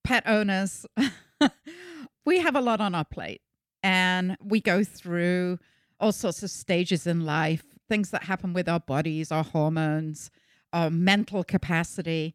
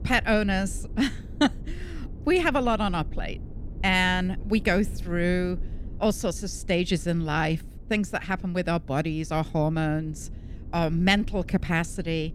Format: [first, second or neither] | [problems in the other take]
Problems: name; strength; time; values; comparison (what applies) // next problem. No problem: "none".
first | low rumble; faint; throughout; 25 dB below the speech